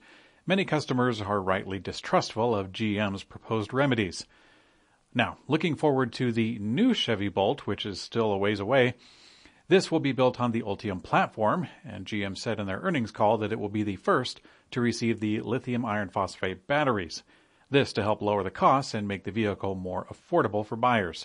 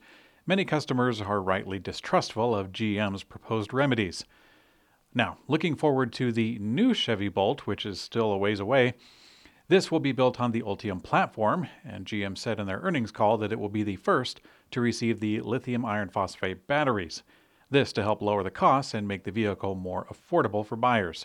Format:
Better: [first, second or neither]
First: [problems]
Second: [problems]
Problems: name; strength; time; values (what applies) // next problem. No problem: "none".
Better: second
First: garbled, watery; slightly; nothing above 10.5 kHz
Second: none